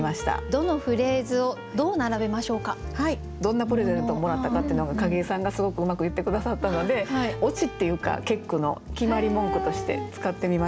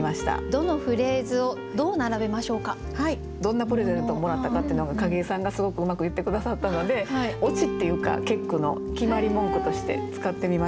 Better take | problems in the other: first | background sound (Mallet percussion); 10 dB below the speech

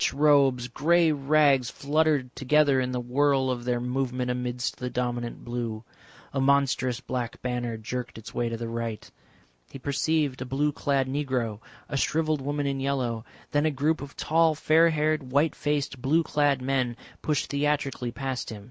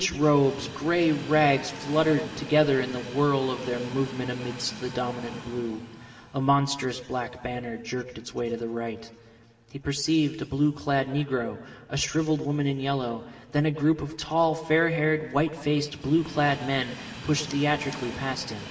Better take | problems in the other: first | background sound (Train); 16 dB below the speech // room echo; dies away in 1.9 s

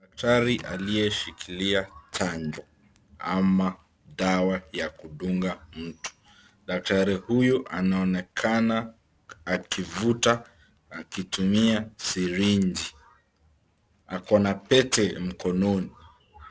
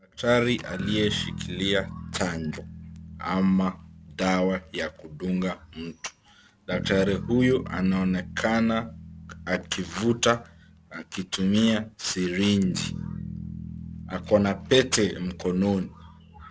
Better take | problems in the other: first | background sound (Bass guitar); 13 dB below the speech

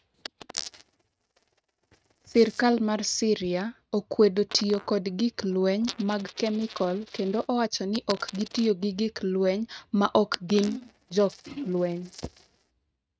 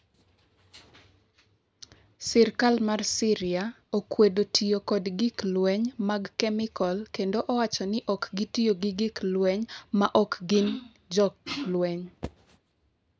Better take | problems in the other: second | noise reduction (neural mask model RNNoise)

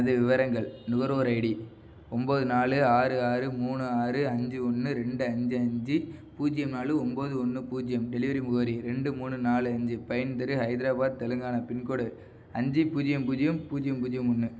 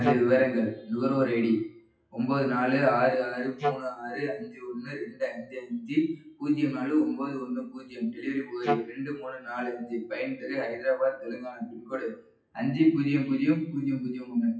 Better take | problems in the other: first | noise reduction (classical method WPE with log-MMSE)

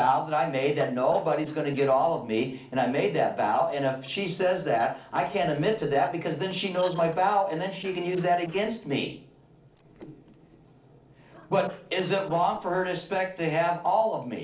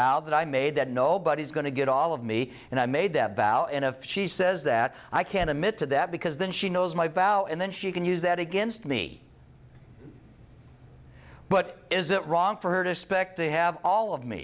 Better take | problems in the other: second | noise reduction (neural separator model SepFormer DNS4)

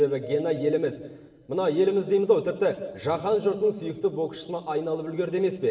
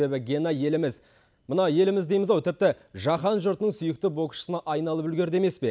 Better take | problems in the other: second | background sound (Telephone); 14 dB below the speech // room echo; dies away in 1.9 s

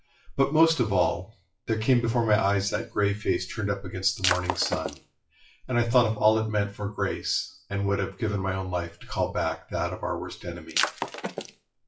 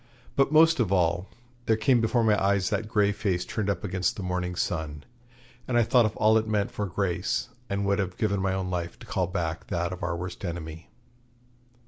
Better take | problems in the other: second | noise reduction (classical method WPE with log-MMSE)

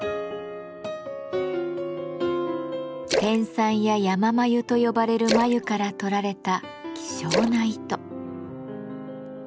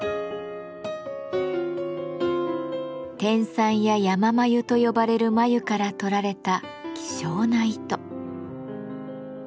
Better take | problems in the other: second | background sound (Splash, splatter); 8 dB below the speech

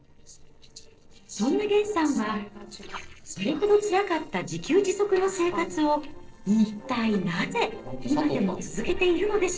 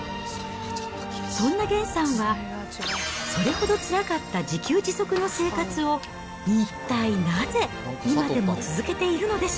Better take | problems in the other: second | noise reduction (neural separator model SepFormer DNS4)

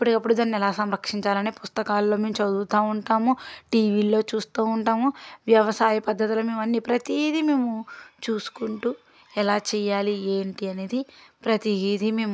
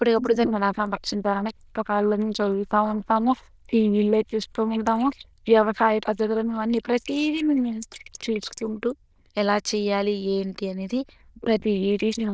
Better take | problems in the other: first | noise reduction (neural diffusion model UNIVERSE++)

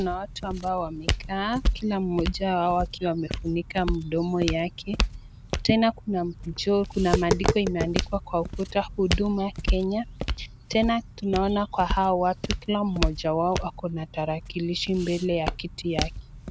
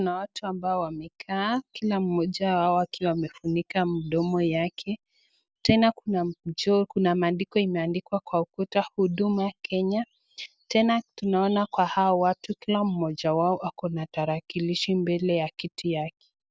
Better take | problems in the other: second | background sound (Tap + Walk, footsteps); 4 dB below the speech

